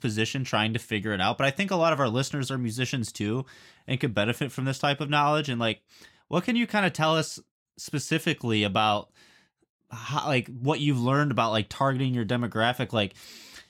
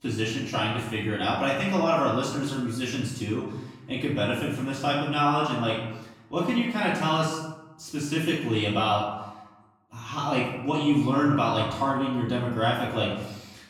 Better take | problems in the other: first | off-mic speech; far // room echo; noticeable; dies away in 0.8 s

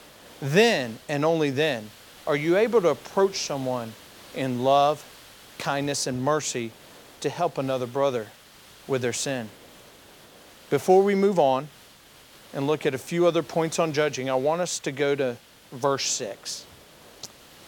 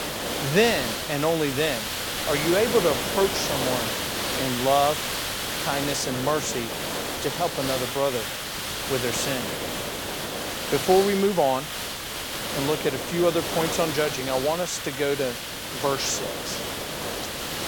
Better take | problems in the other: first | hiss; loud; throughout; 2 dB below the speech; faint in the first

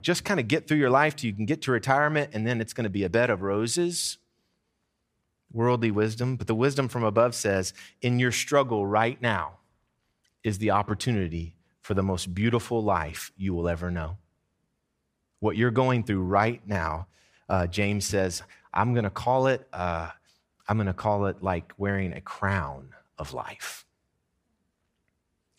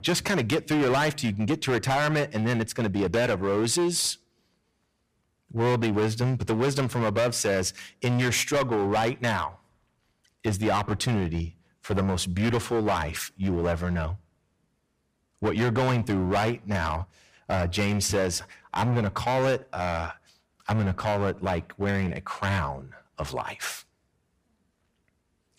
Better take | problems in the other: first | distortion; heavy; 12% of the sound clipped

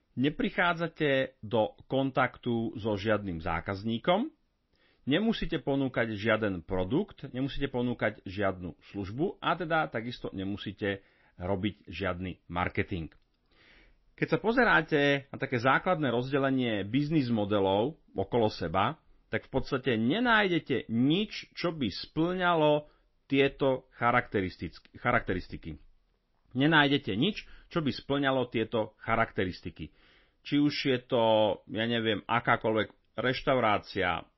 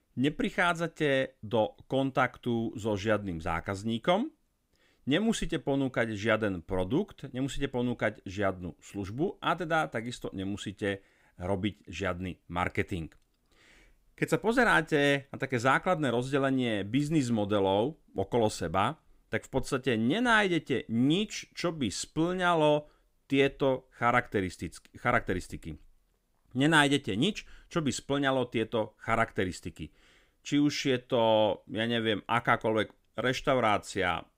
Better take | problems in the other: second | garbled, watery; slightly; nothing above 5.5 kHz

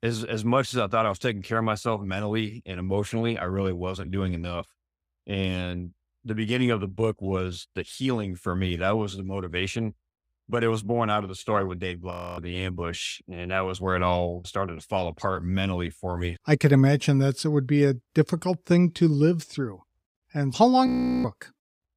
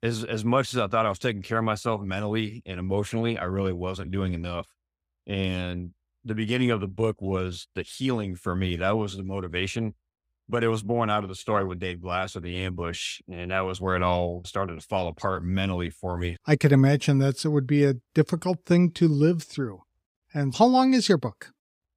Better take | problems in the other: second | audio freezing; at 12 s and at 21 s

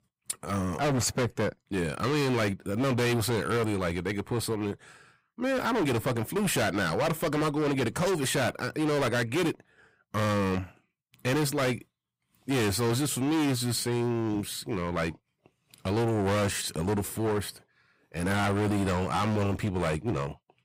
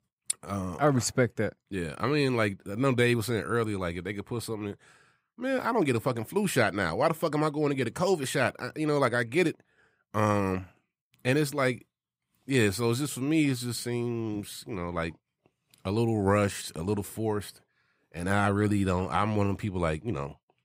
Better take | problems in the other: second | distortion; heavy; 21% of the sound clipped

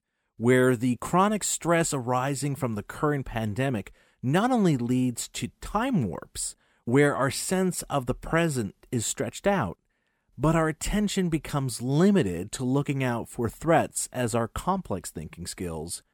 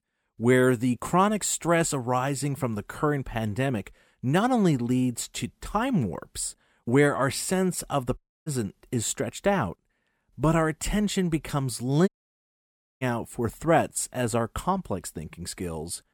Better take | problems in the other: first | audio cutting out; at 8 s and at 12 s for 1 s

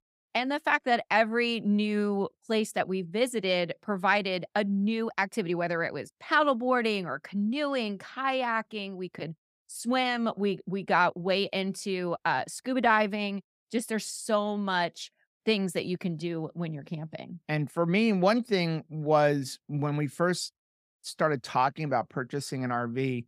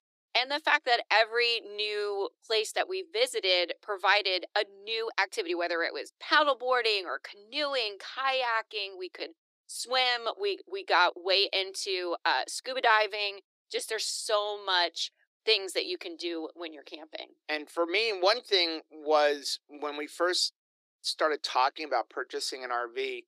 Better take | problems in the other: first | thin; very; fading below 300 Hz

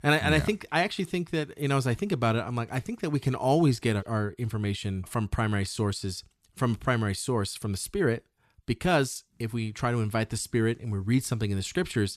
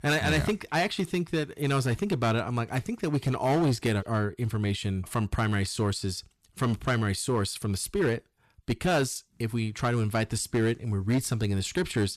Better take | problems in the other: first | distortion; slight; 8% of the sound clipped

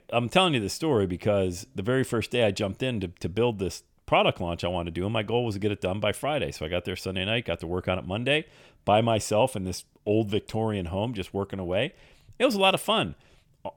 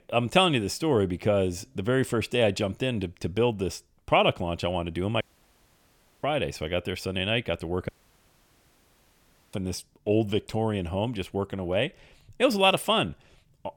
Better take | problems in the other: first | audio cutting out; at 5 s for 1 s and at 8 s for 1.5 s

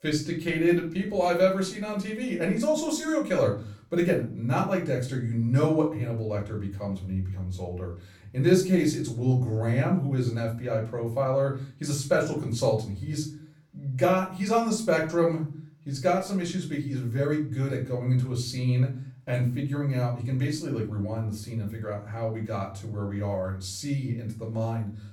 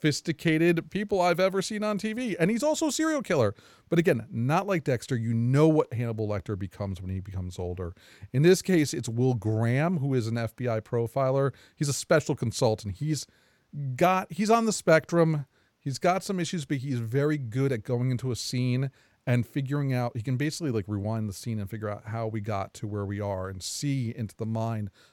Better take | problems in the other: second | off-mic speech; far // room echo; slight; dies away in 0.4 s

